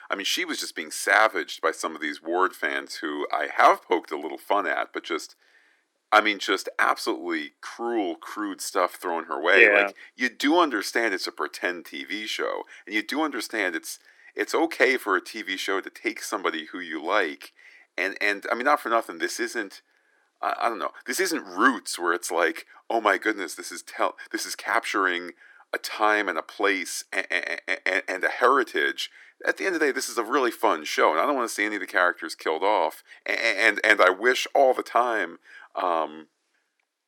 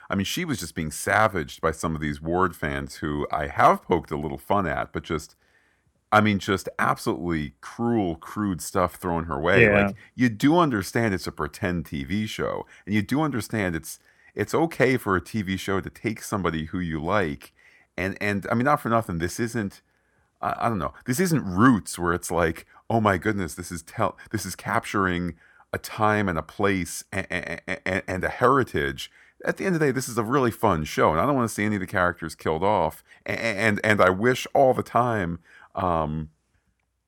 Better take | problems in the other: second | thin; somewhat; fading below 300 Hz

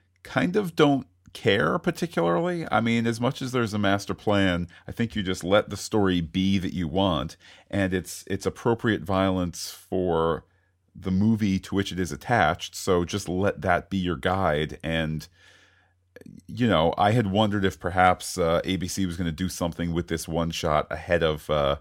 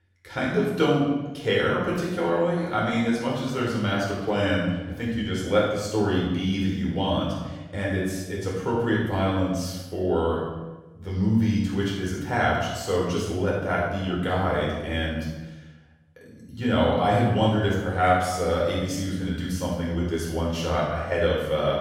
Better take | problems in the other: first | off-mic speech; far // room echo; strong; dies away in 1 s

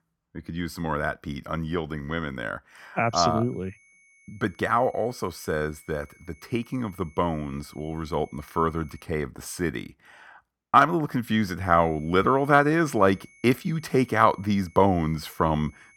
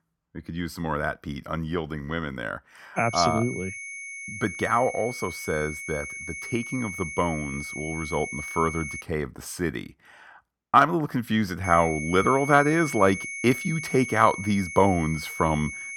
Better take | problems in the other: first | high-pitched whine; loud; from 3 to 9 s and from 12 s on; 2 kHz, 8 dB below the speech; faint in the first

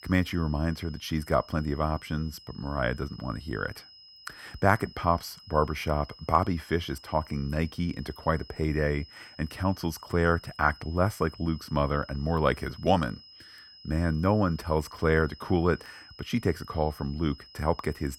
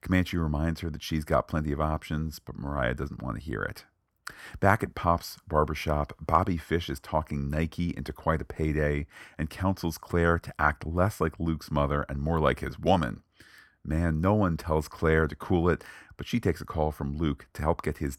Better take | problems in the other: second | high-pitched whine; faint; throughout; 5 kHz, 20 dB below the speech

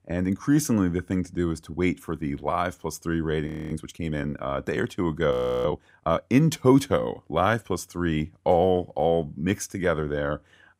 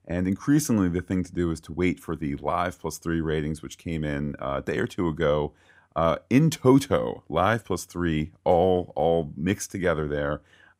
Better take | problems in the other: second | audio freezing; at 3.5 s and at 5.5 s

